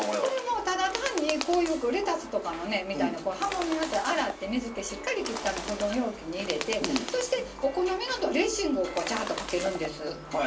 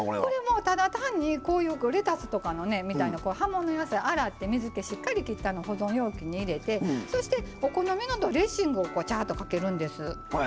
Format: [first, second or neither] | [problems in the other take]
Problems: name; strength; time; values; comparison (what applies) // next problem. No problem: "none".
second | background sound (Bird); 10 dB below the speech // room echo; dies away in 0.3 s